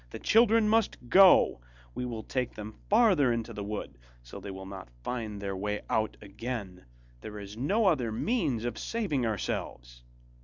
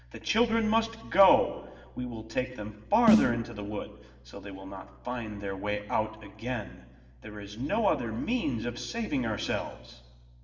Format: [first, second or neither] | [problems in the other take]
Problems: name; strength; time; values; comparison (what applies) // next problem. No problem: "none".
first | background sound (Snare drum); as loud as the speech // room echo; dies away in 1.1 s